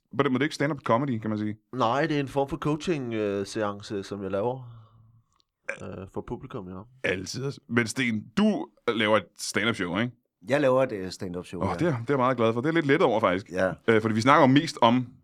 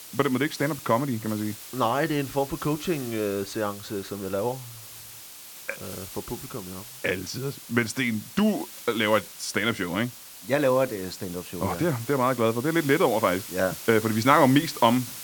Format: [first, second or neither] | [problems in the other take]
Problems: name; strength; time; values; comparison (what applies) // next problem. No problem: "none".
first | hiss; noticeable; throughout; 15 dB below the speech